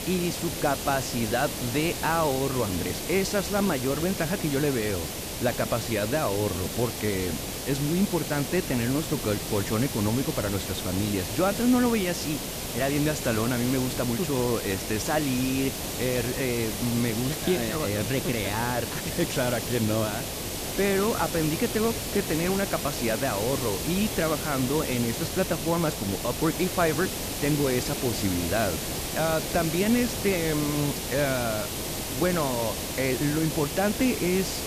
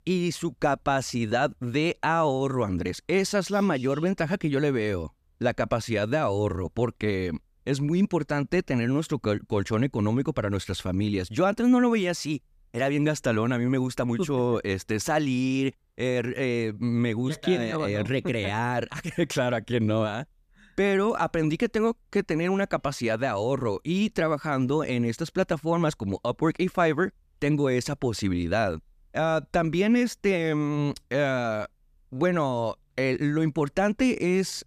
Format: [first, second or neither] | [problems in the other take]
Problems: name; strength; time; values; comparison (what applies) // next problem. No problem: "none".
second | hiss; loud; throughout; 3 dB below the speech